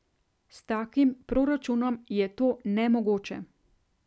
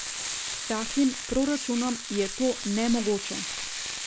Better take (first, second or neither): first